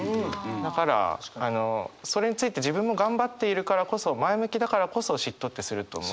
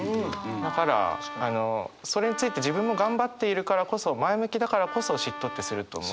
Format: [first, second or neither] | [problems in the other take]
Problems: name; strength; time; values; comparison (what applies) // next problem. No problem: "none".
first | background sound (Wind instrument, woodwind instrument); 11 dB below the speech